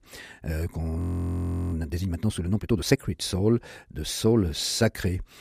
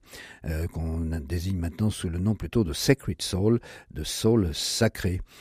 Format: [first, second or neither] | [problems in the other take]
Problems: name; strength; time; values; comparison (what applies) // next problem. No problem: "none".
second | audio freezing; at 1 s for 0.5 s